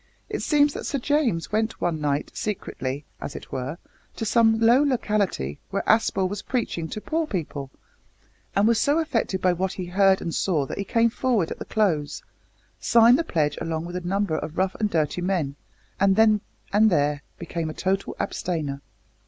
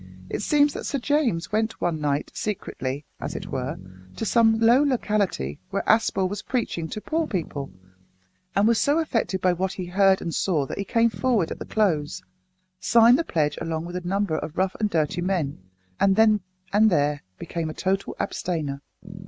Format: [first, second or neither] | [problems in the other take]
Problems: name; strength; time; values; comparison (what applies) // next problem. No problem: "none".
first | noise reduction (neural mask model RNNoise)